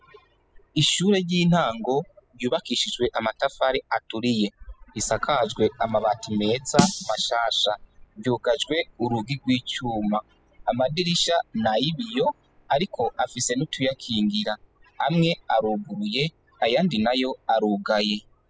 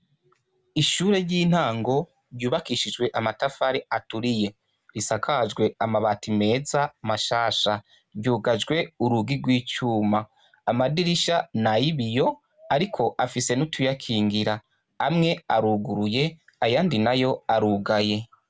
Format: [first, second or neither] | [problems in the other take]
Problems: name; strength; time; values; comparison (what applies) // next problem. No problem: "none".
second | noise reduction (classical method spectral subtraction)